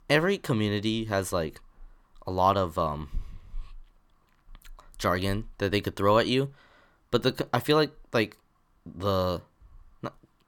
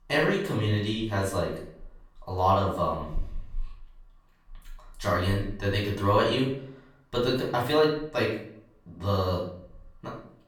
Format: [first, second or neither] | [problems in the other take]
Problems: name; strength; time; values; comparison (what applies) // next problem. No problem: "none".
first | off-mic speech; far // room echo; noticeable; dies away in 0.5 s